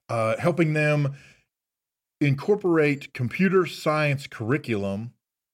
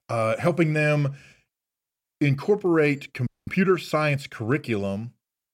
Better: first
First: none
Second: audio freezing; at 3.5 s

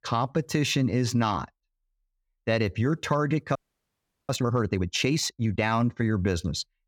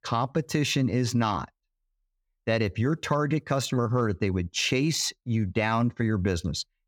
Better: second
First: audio freezing; at 3.5 s for 0.5 s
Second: none

